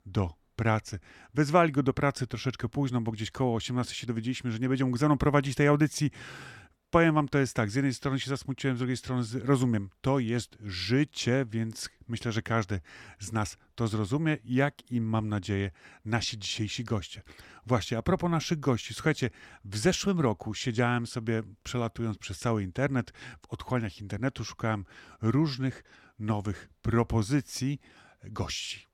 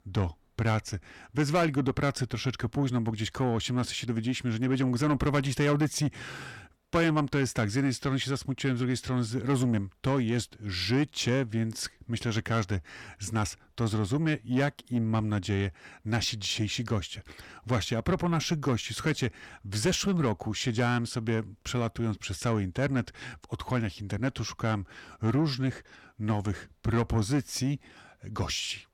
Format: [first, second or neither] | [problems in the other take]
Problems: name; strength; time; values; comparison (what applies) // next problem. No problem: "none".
first | distortion; slight; 10 dB below the speech